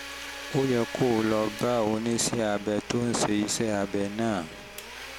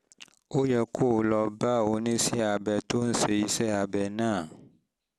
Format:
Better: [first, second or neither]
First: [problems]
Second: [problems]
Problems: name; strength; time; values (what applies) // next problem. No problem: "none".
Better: second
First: background sound (Domestic sounds, home sounds); 13 dB below the speech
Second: none